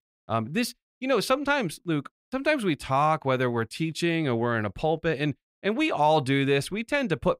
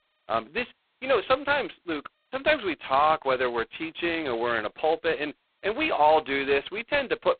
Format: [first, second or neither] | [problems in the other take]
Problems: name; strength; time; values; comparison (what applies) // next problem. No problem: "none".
first | phone-call audio; poor line; nothing above 4 kHz